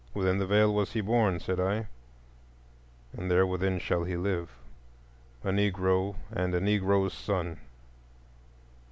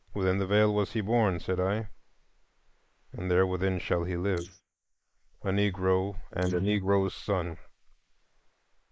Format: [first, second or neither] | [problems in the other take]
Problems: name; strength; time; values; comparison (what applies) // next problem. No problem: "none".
first | noise reduction (neural mask model Resemble Enhance denoiser)